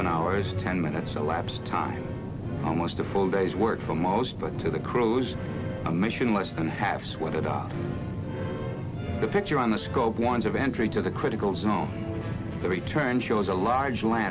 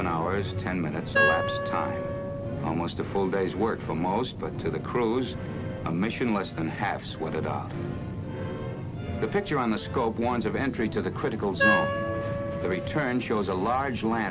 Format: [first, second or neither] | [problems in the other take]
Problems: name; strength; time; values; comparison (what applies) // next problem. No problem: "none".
first | background sound (Wind instrument, woodwind instrument); 1 dB below the speech